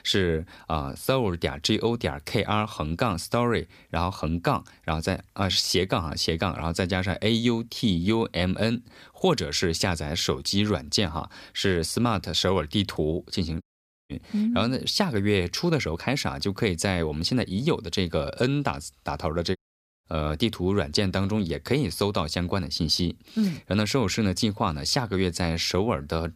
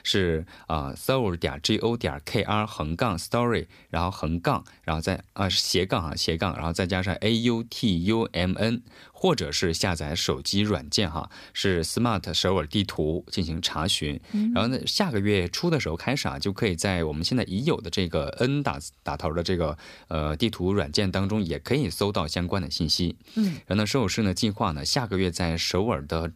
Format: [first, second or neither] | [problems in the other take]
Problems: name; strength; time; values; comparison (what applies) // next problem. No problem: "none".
second | audio cutting out; at 14 s and at 20 s